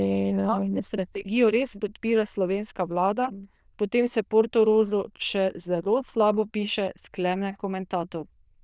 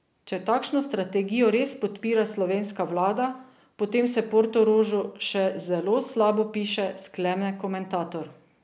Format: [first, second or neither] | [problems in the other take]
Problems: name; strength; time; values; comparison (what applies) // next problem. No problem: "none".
second | noise reduction (neural diffusion model UNIVERSE++)